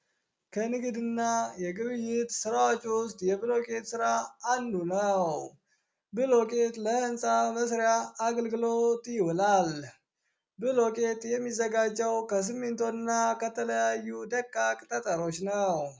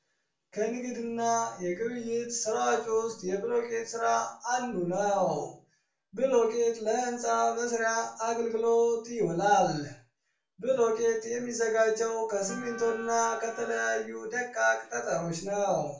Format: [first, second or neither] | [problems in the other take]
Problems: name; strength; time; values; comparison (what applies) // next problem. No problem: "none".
first | background sound (Wind instrument, woodwind instrument); 15 dB below the speech // room echo; dies away in 0.3 s